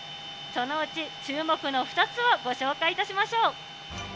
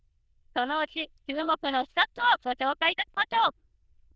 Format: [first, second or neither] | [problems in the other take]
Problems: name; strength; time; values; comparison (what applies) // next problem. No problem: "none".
first | noise reduction (neural diffusion model UNIVERSE++)